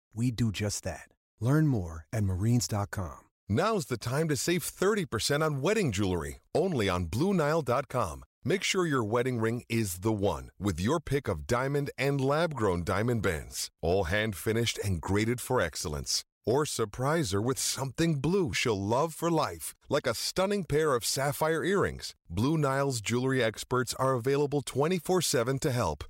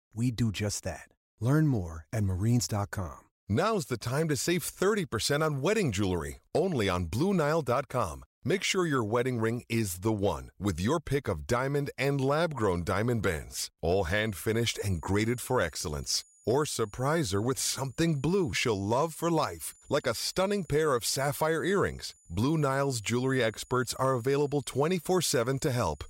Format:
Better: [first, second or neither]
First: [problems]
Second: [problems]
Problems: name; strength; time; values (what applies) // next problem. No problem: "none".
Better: first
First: none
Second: high-pitched whine; faint; from 14 s on; 7 kHz, 30 dB below the speech